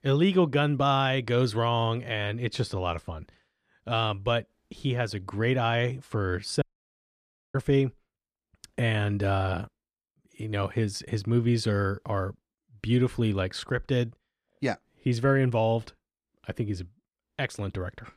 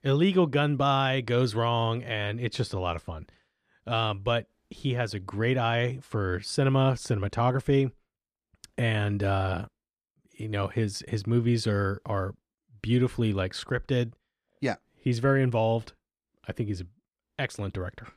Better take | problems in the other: second | audio cutting out; at 6.5 s for 1 s

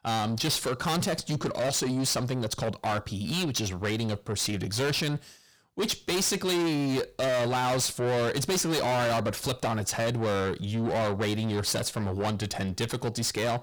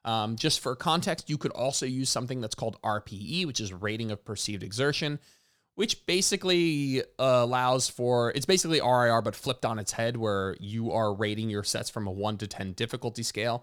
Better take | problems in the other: second | distortion; heavy; 6 dB below the speech

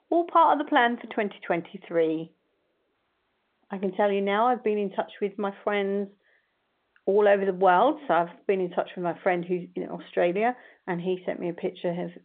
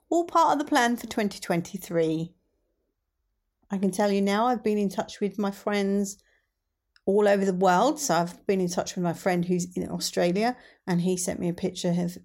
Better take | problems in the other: second | phone-call audio

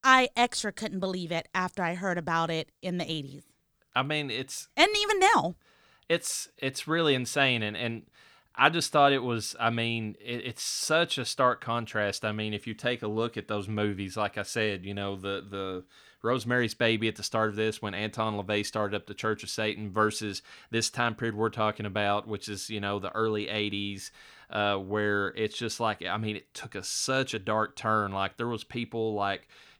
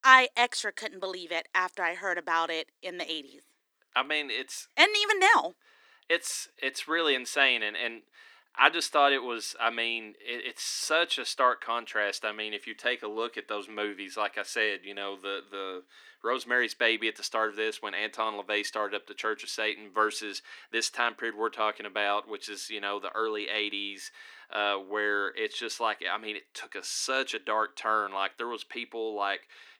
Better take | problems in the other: first | thin; somewhat; fading below 300 Hz

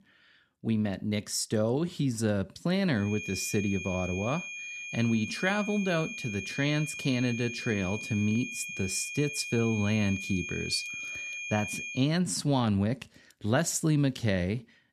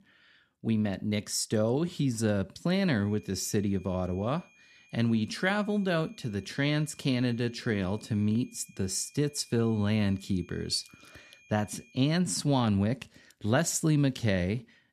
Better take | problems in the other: second | high-pitched whine; loud; from 3 to 12 s; 2.5 kHz, 7 dB below the speech; faint in the second

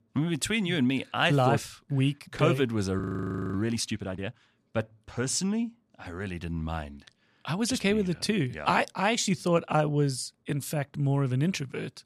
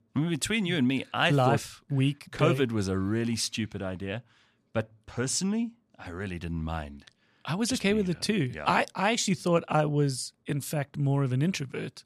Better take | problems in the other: second | audio freezing; at 3 s for 0.5 s

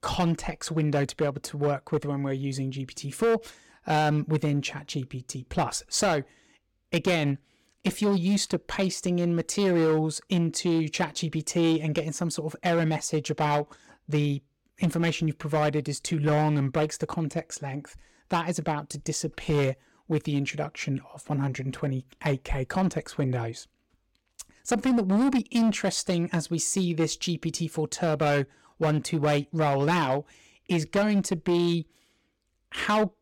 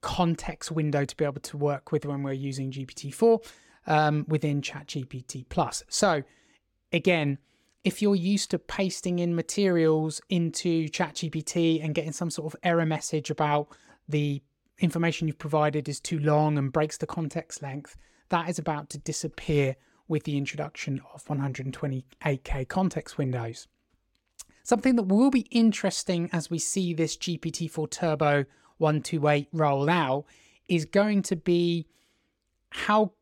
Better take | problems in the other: second | distortion; slight; 7% of the sound clipped

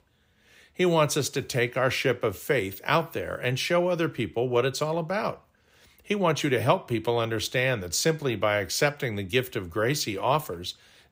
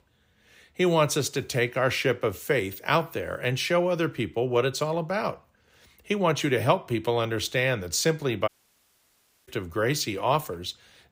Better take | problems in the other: first | audio cutting out; at 8.5 s for 1 s

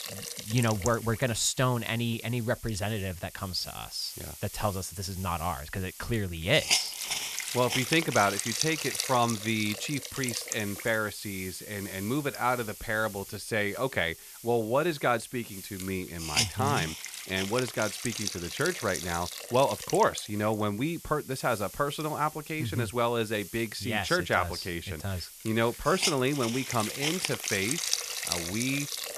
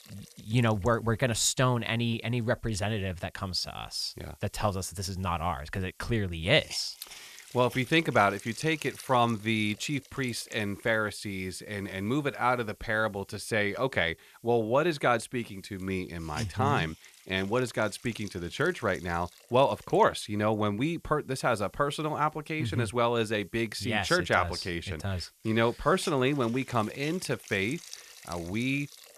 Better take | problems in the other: second | hiss; loud; throughout; 4 dB below the speech; faint in the second

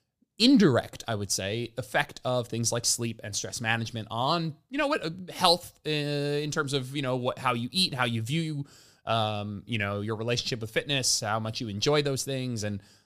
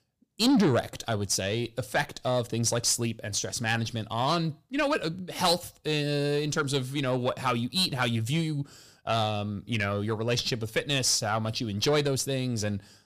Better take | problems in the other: first | distortion; slight; 10 dB below the speech

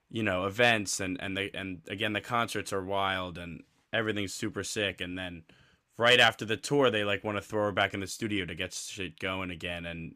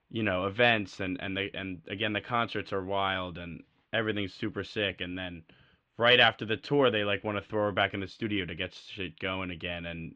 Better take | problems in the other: first | muffled; slightly; fading above 3.5 kHz

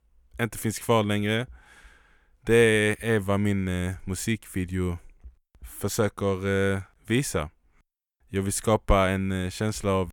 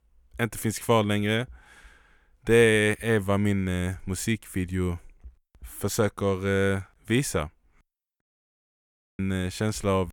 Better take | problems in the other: first | audio cutting out; at 8 s for 1 s

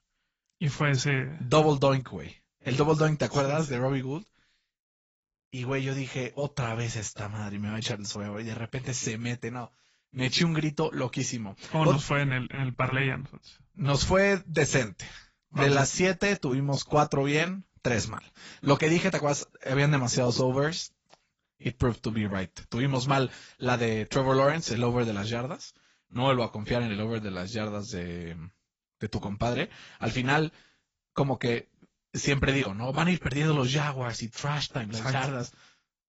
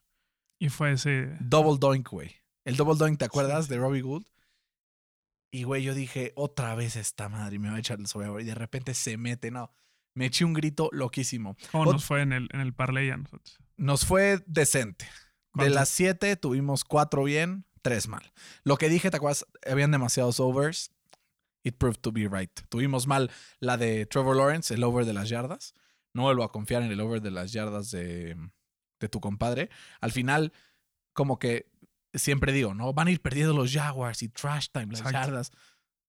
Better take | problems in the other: second | garbled, watery; badly; nothing above 7.5 kHz

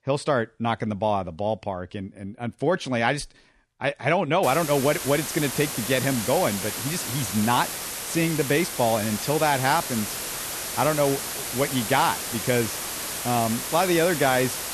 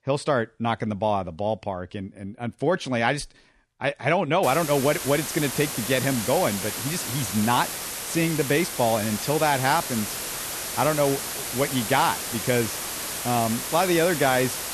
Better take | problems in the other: neither | hiss; loud; from 4.5 s on; 5 dB below the speech; the same in both

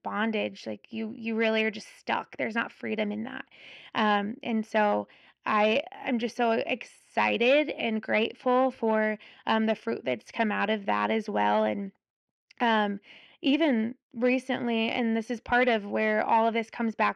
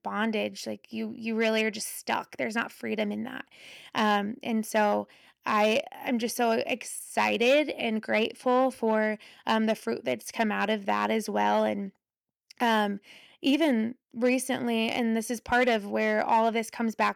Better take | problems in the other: second | muffled; slightly; fading above 3 kHz

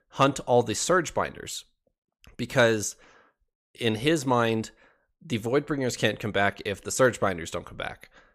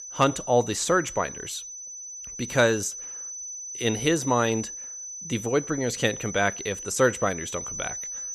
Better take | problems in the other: first | high-pitched whine; loud; throughout; 6 kHz, 9 dB below the speech

